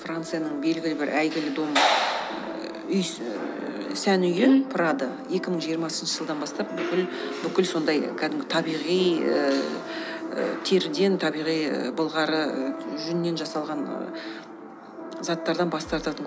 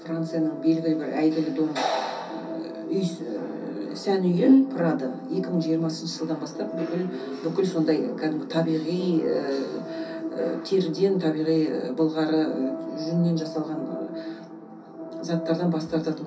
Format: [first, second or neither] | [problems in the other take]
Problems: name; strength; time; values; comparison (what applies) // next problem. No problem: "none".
first | room echo; dies away in 0.3 s